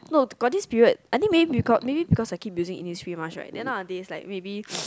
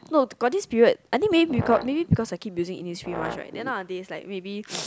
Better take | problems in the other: first | background sound (Brass instrument); 12 dB below the speech

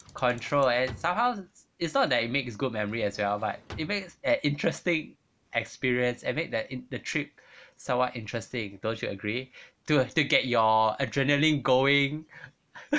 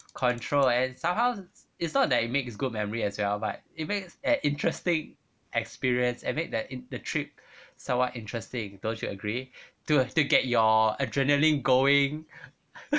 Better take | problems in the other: second | background sound (Drawer open or close); 20 dB below the speech

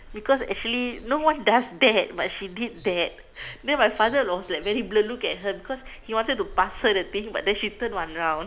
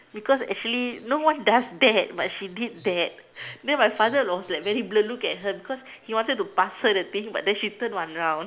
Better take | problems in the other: second | background sound (Bird); 20 dB below the speech

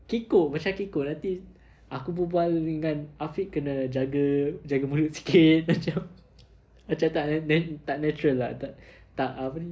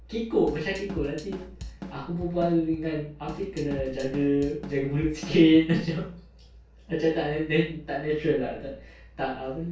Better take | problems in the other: first | background sound (Drum kit); 13 dB below the speech // room echo; dies away in 0.3 s

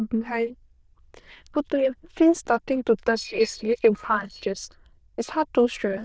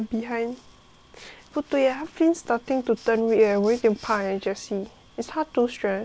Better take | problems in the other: second | noise reduction (neural diffusion model UNIVERSE++)

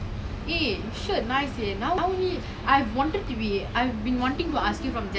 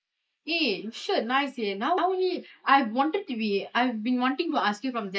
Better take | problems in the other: first | noise reduction (neural mask model Resemble Enhance denoiser)

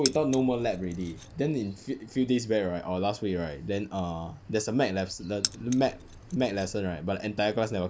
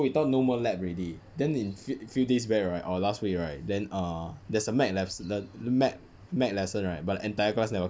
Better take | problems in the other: second | background sound (Keys jangling); 9 dB below the speech

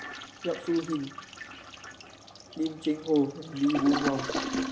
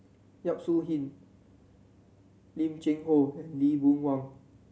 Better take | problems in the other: second | background sound (Toilet flush); 6 dB below the speech

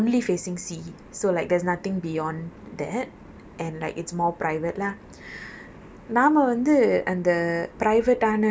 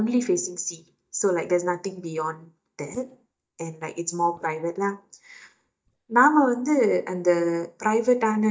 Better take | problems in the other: first | noise reduction (neural mask model DeepFilterNet 3)

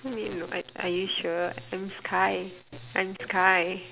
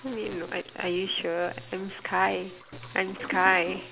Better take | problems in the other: first | background sound (Toilet flush); 16 dB below the speech

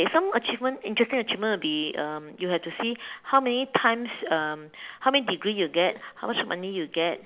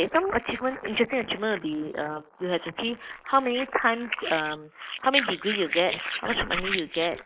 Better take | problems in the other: first | noise reduction (neural mask model Resemble Enhance denoiser)

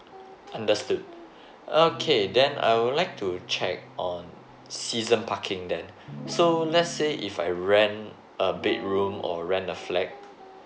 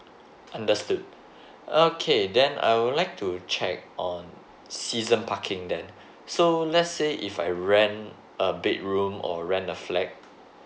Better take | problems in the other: second | background sound (Guitar); 17 dB below the speech

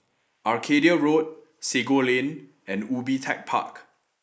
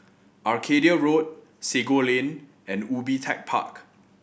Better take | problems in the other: second | noise reduction (neural mask model Resemble Enhance denoiser)

